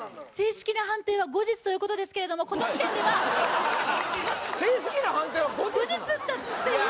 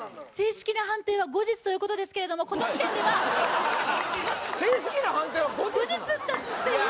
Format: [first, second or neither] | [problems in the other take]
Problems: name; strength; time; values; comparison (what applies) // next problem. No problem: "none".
first | background sound (Chink, clink); 11 dB below the speech